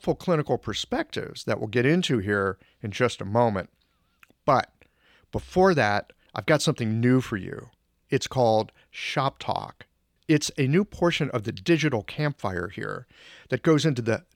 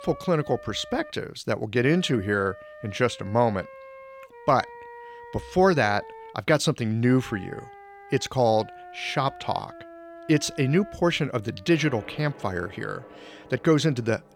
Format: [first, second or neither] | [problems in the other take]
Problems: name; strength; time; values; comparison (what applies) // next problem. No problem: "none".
first | background music; noticeable; throughout; 20 dB below the speech